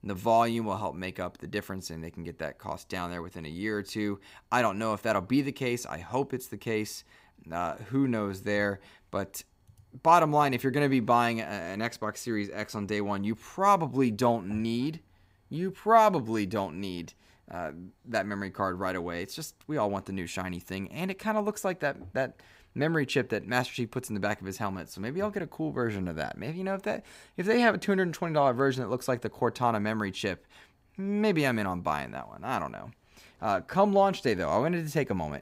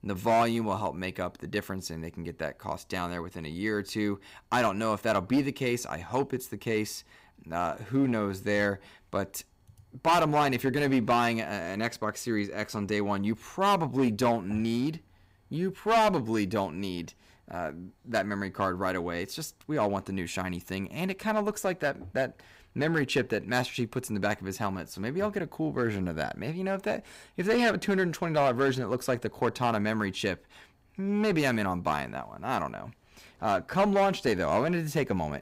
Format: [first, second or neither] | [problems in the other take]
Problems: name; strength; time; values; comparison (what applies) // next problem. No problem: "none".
first | distortion; slight; 4% of the sound clipped